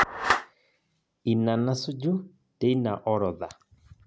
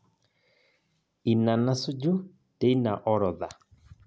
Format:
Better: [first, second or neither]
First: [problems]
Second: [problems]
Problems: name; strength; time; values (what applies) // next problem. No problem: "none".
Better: second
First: background sound (Clapping); 6 dB below the speech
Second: none